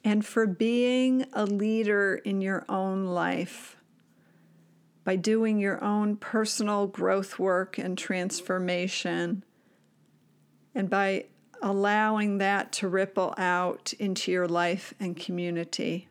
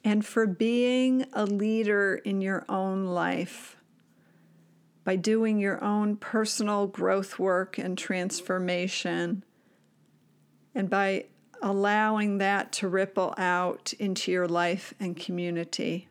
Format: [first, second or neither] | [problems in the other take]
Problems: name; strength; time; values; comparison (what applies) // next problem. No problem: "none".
neither | none